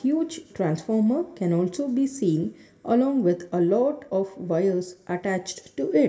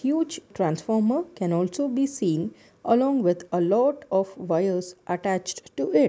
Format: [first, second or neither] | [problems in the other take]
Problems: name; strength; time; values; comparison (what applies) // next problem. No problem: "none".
second | room echo; dies away in 0.7 s